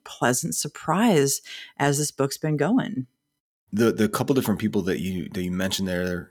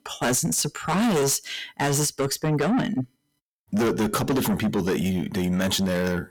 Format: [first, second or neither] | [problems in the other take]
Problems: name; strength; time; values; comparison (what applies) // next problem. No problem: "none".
first | distortion; heavy; 6 dB below the speech